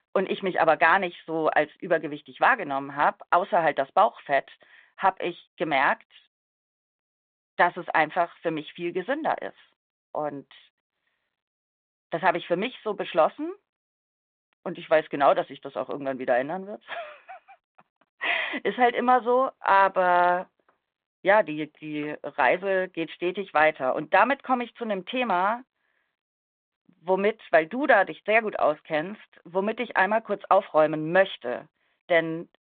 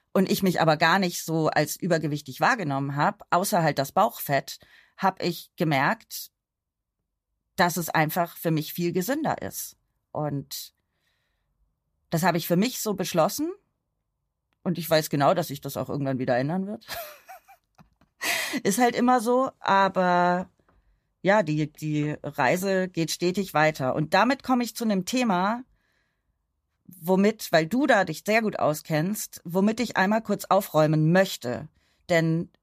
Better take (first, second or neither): second